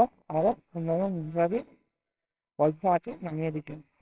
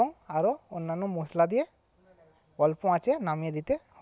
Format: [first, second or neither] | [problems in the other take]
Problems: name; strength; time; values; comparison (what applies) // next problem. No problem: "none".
second | noise reduction (neural separator model SepFormer WHAMR!)